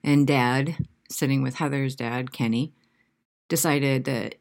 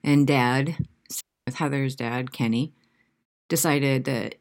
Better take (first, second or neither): first